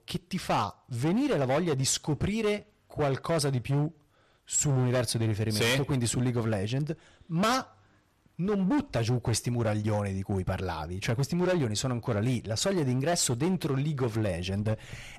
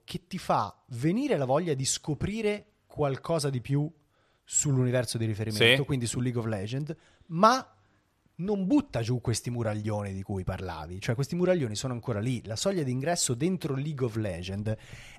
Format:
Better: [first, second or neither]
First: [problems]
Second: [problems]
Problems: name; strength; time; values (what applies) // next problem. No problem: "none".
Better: second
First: distortion; heavy; 14% of the sound clipped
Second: none